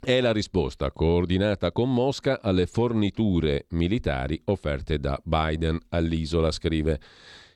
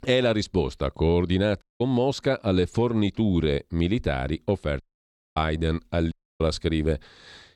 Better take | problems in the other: first | audio cutting out; at 1.5 s, at 5 s for 0.5 s and at 6 s

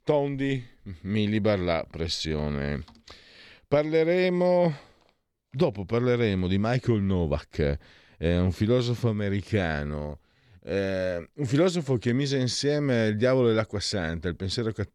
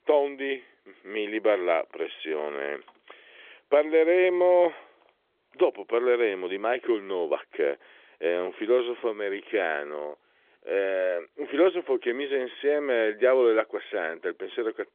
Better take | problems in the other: first | phone-call audio; nothing above 3.5 kHz

